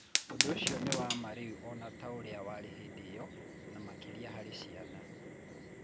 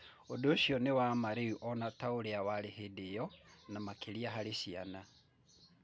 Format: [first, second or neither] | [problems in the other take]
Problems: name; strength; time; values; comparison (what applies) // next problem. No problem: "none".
second | background sound (Fire); 4 dB above the speech